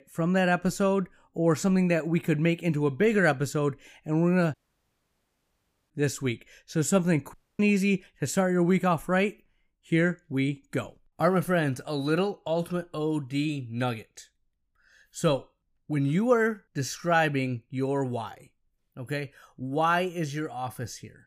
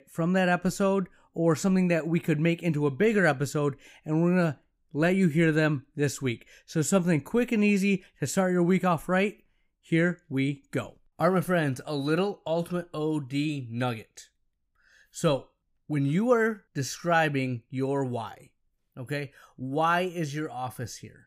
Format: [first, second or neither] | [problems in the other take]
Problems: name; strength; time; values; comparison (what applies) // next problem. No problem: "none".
second | audio cutting out; at 4.5 s for 1.5 s and at 7.5 s